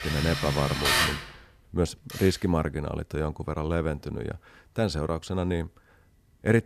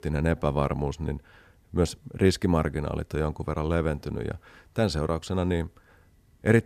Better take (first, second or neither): second